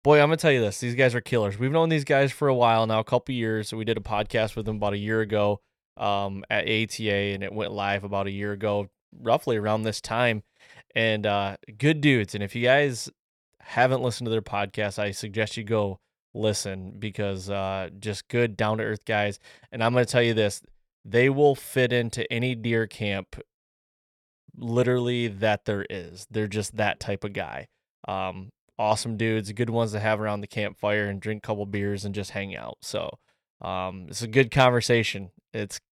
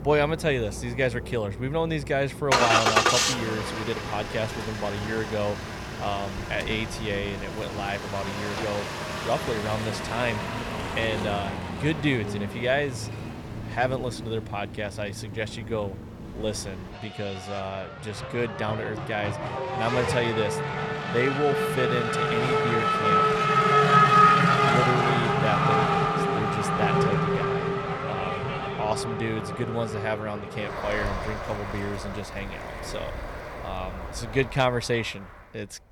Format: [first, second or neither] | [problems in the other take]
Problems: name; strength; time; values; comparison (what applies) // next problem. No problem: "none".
first | traffic noise; very loud; throughout; 4 dB above the speech